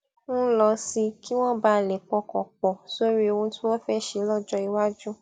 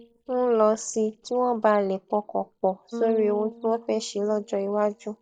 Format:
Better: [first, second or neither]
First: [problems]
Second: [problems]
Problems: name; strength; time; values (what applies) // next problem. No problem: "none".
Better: first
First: none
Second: noise reduction (neural mask model DeepFilterNet 3)